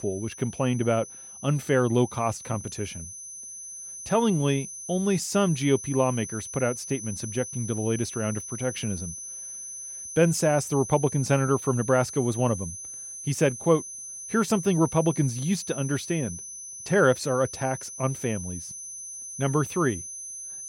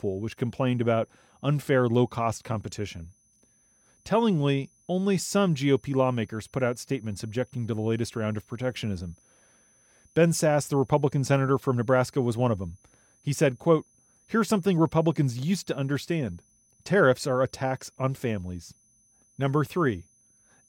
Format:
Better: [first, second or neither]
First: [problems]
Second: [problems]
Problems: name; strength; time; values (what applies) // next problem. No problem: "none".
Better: second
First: high-pitched whine; loud; throughout; 6 kHz, 10 dB below the speech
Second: high-pitched whine; faint; throughout; 6 kHz, 35 dB below the speech